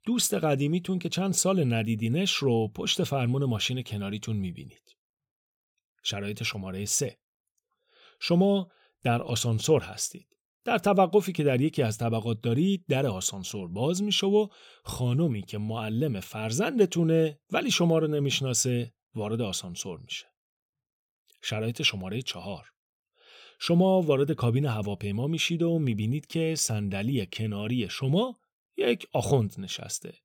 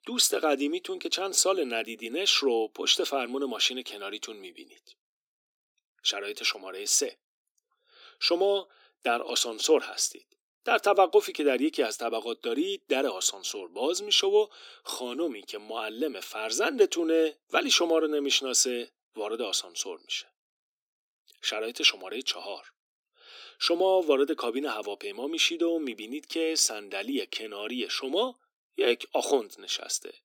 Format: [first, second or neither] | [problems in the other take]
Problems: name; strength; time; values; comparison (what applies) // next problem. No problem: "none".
first | thin; somewhat; fading below 250 Hz